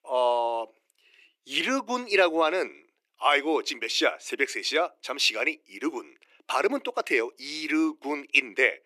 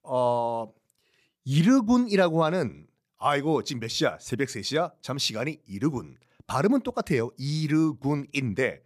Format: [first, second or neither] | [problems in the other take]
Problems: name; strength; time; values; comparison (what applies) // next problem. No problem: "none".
second | thin; somewhat; fading below 300 Hz